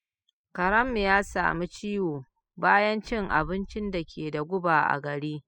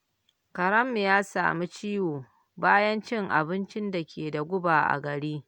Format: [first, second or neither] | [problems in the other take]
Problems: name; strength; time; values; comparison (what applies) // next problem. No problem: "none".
second | noise reduction (classical method spectral subtraction)